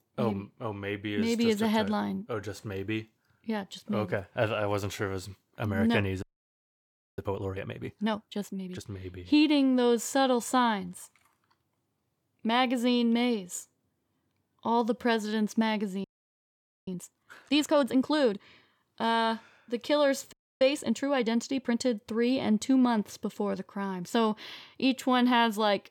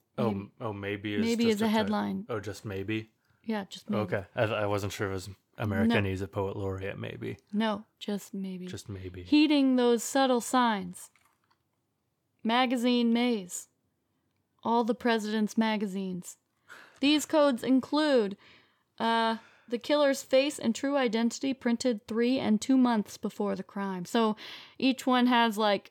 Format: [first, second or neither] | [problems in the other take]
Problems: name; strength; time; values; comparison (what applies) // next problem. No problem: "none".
second | audio freezing; at 6 s for 1 s, at 16 s for 1 s and at 20 s